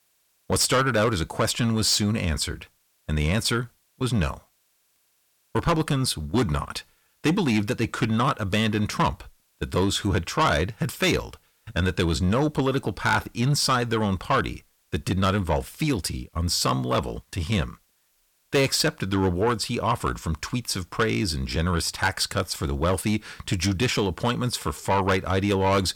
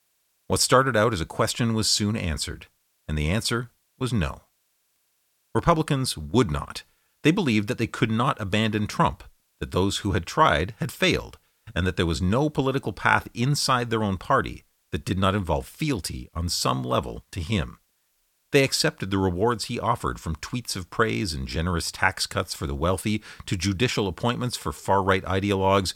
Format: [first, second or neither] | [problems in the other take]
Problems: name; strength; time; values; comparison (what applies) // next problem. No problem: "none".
second | distortion; slight; 10 dB below the speech